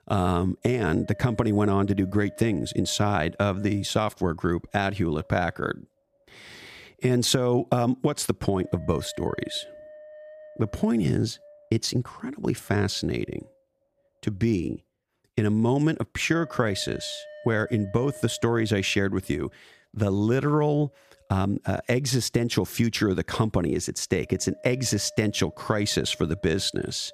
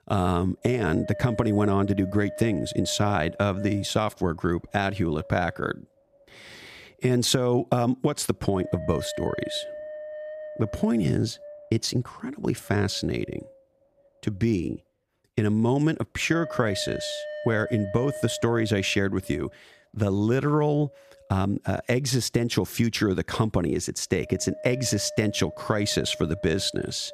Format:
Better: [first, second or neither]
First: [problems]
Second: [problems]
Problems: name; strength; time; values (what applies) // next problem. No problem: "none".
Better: first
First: wind noise on the microphone; occasional gusts; 20 dB below the speech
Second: wind noise on the microphone; heavy; 10 dB below the speech